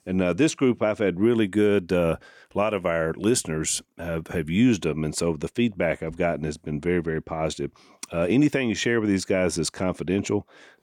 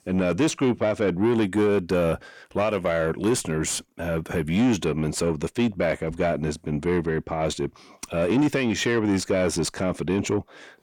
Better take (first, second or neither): first